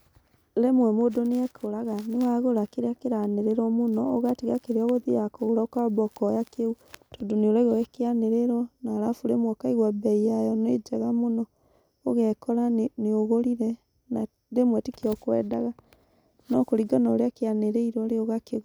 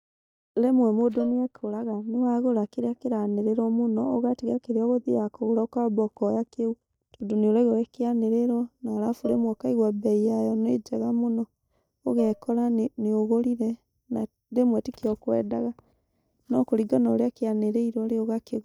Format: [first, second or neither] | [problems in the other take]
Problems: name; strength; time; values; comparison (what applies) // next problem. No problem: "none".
first | noise reduction (neural mask model DeepFilterNet 3)